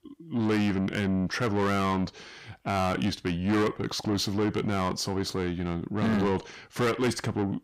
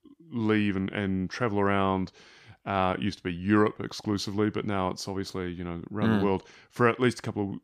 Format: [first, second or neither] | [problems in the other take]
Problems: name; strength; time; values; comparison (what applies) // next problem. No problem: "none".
second | distortion; heavy; 6 dB below the speech